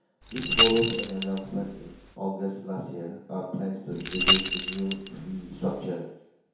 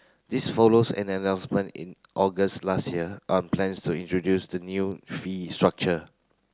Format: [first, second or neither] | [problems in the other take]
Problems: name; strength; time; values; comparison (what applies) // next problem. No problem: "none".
second | background sound (Rattle / Keys jangling); 2 dB above the speech // room echo; dies away in 1 s